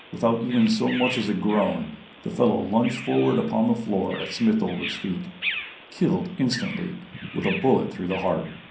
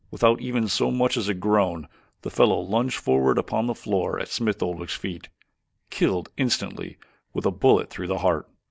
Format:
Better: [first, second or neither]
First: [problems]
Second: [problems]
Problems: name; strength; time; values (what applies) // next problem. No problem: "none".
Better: second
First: background sound (Bird vocalization, bird call, bird song); 12 dB below the speech // room echo; dies away in 0.6 s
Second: none